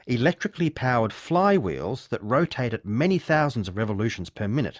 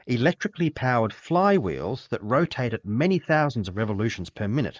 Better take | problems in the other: first | noise reduction (neural mask model Resemble Enhance denoiser)

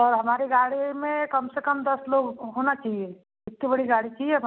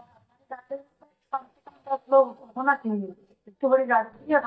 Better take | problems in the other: first | noise reduction (neural mask model DeepFilterNet 3)

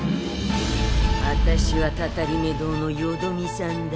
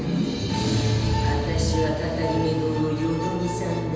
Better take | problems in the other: first | background sound (Bus); 17 dB below the speech // room echo; dies away in 1.1 s

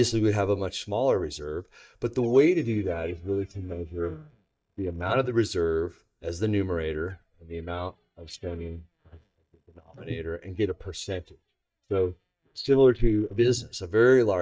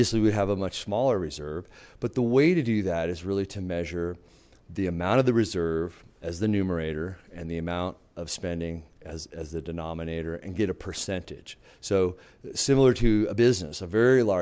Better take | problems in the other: second | noise reduction (neural mask model DeepFilterNet 3)

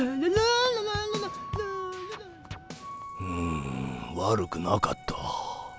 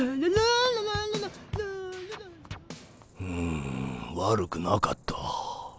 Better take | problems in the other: second | background sound (Wind instrument, woodwind instrument); 13 dB below the speech

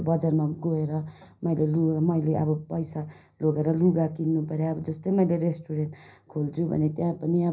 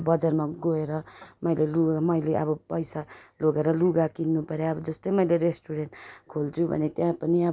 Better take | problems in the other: second | room echo; dies away in 0.5 s

